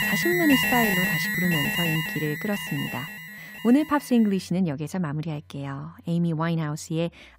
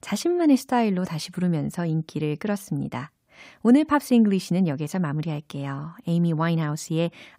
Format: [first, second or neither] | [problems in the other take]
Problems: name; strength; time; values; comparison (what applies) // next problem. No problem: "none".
second | alarms or sirens; very loud; throughout; 1 dB above the speech